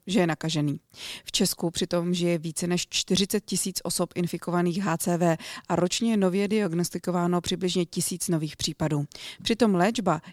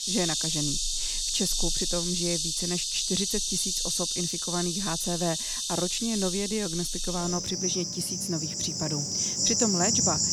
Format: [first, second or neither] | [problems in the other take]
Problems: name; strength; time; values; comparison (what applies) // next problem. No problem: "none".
first | animal sounds; very loud; throughout; 5 dB above the speech